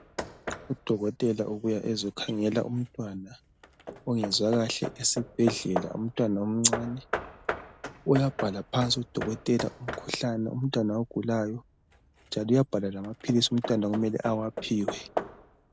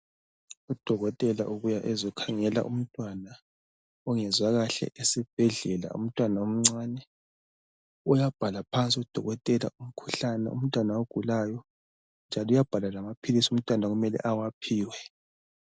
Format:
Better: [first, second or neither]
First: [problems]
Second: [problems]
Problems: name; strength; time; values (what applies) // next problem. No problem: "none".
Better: second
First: background sound (Hammer / Wood); 10 dB below the speech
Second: none